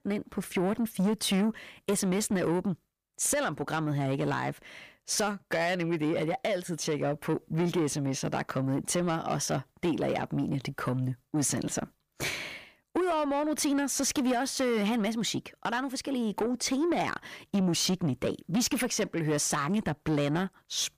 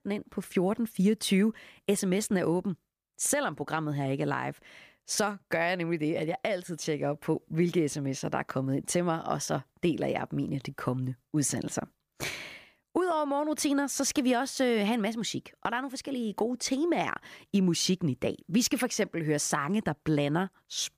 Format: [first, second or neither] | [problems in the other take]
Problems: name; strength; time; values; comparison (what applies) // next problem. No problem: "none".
second | distortion; slight; 10 dB below the speech